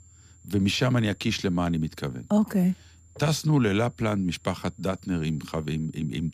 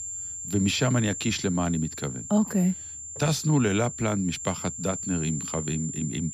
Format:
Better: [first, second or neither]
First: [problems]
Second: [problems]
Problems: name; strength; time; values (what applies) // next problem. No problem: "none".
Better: first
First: high-pitched whine; faint; throughout; 7.5 kHz, 30 dB below the speech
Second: high-pitched whine; loud; throughout; 7.5 kHz, 7 dB below the speech